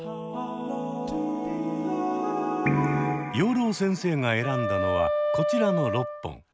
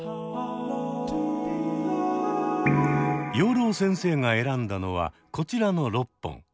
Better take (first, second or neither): second